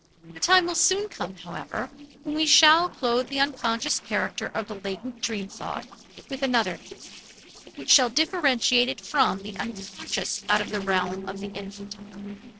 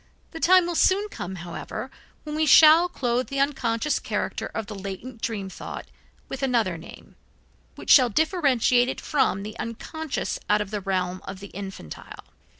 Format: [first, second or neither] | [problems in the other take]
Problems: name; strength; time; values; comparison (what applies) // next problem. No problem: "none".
second | noise reduction (neural separator model SepFormer DNS4)